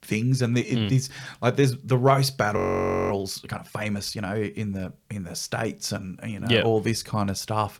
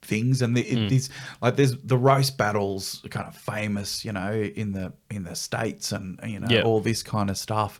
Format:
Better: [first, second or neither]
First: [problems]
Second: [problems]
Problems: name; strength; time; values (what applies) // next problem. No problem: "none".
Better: second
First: audio freezing; at 2.5 s for 0.5 s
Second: none